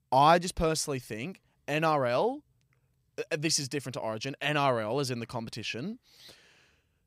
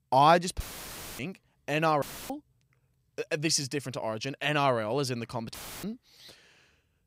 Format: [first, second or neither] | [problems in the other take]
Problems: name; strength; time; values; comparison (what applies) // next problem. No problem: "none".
first | audio cutting out; filled with static; at 0.5 s for 0.5 s, at 2 s and at 5.5 s